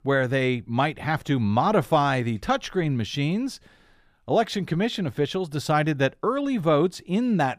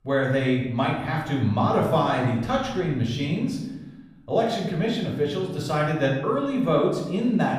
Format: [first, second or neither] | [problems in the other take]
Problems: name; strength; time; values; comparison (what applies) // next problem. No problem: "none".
first | off-mic speech; far // room echo; noticeable; dies away in 0.9 s